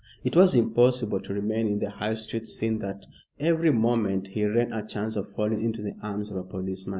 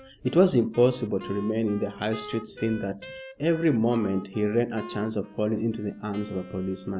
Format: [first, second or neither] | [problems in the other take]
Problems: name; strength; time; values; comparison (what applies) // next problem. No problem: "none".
first | background sound (Wind instrument, woodwind instrument); 17 dB below the speech